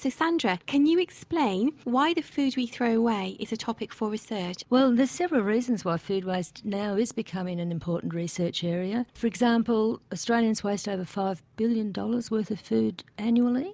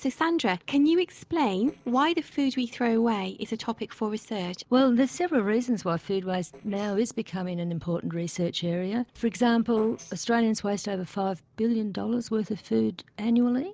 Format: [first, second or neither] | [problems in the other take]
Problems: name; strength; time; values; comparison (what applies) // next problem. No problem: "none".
first | noise reduction (neural separator model SepFormer DNS4)